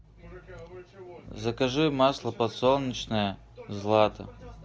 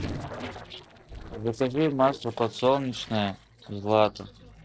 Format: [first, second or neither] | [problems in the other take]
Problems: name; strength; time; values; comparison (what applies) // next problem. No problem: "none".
first | noise reduction (neural separator model SepFormer DNS4)